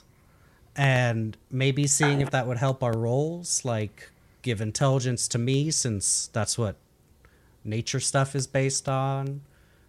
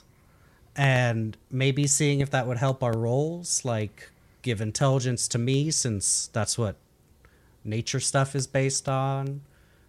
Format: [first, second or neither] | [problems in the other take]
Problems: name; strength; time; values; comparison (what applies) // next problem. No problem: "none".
second | phone ringing; noticeable; at 2 s; peak 5 dB below the speech